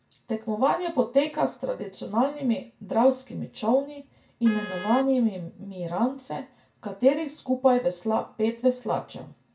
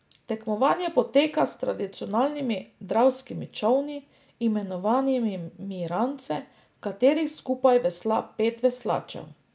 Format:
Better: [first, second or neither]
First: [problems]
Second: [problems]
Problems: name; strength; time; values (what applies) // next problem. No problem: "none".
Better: second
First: background sound (Vehicle horn, car horn, honking); 18 dB below the speech // room echo; dies away in 0.2 s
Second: none